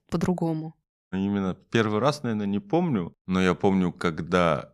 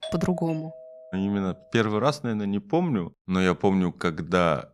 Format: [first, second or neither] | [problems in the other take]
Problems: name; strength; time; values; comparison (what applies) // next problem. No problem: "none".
first | doorbell; faint; until 1.5 s; peak 10 dB below the speech